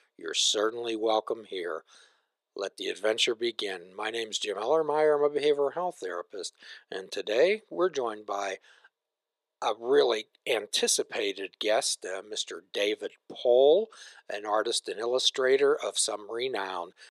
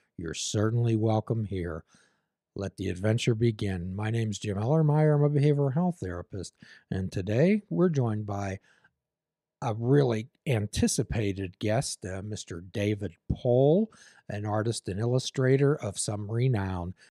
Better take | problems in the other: second | thin; very; fading below 400 Hz

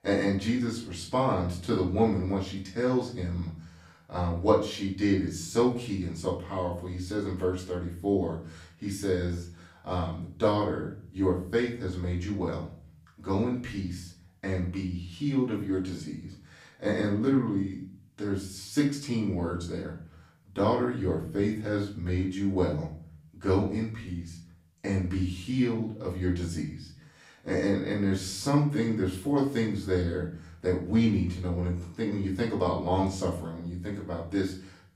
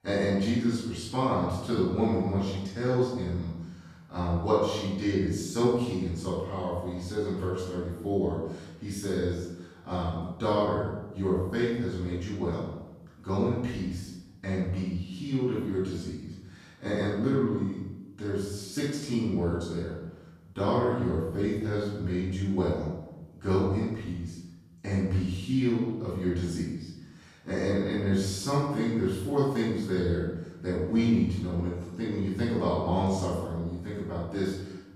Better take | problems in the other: first | room echo; strong; dies away in 0.9 s; slight in the first // off-mic speech; far; far in the first

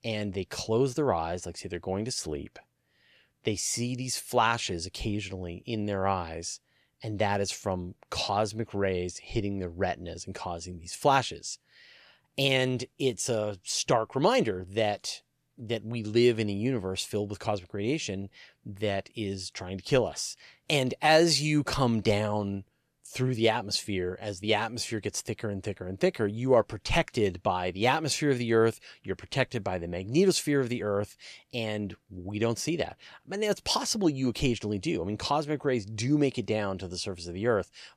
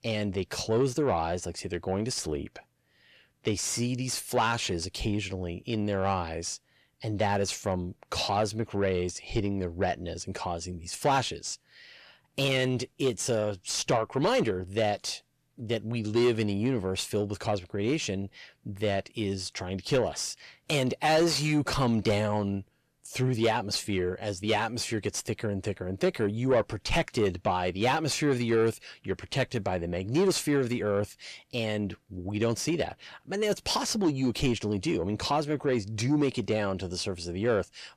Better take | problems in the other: first | distortion; slight; 10 dB below the speech

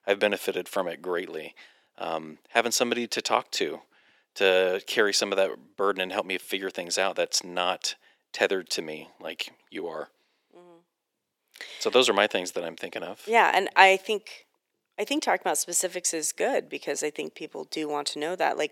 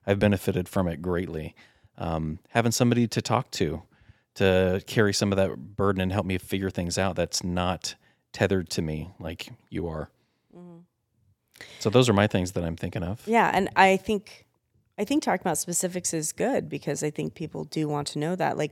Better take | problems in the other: second | thin; somewhat; fading below 350 Hz

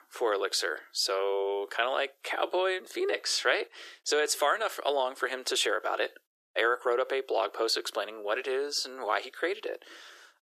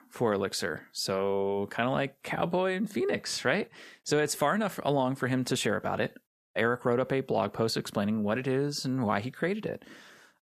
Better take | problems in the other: second | thin; very; fading below 350 Hz

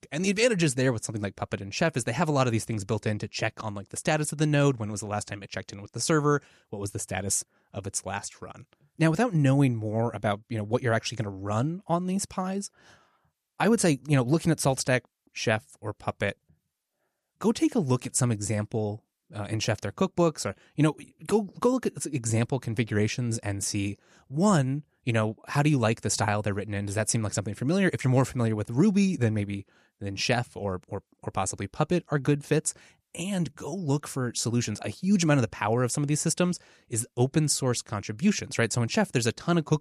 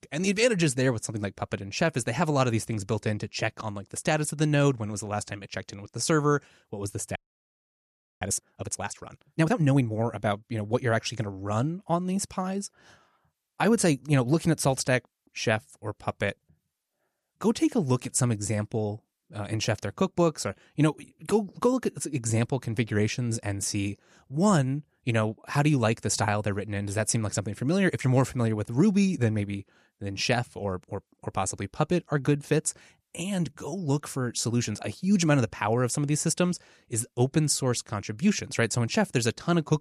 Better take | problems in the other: first | audio freezing; at 7 s for 1 s

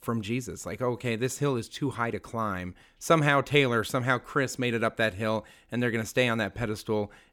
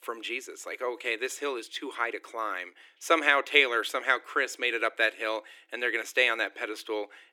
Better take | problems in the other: first | thin; very; fading below 300 Hz

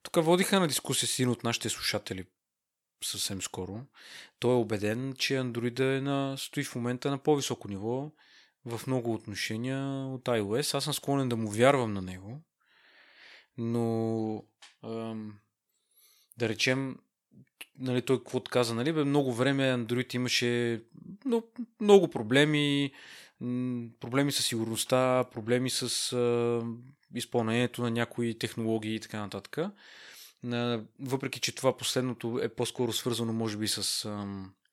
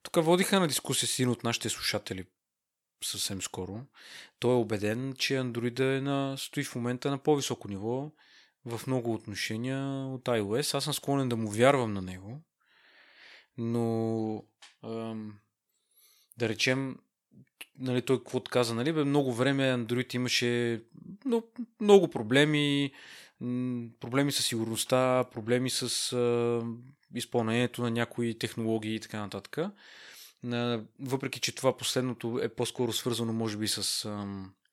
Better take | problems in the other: neither | none

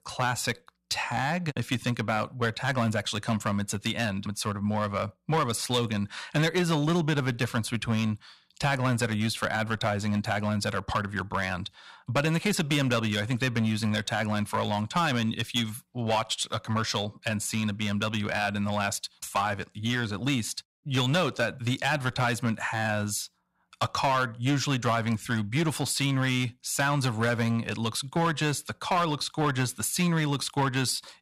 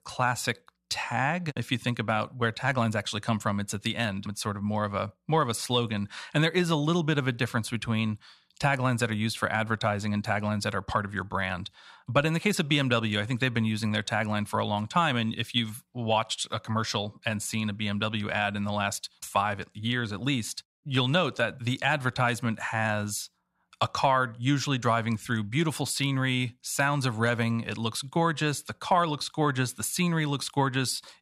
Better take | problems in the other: second | distortion; slight; 6% of the sound clipped

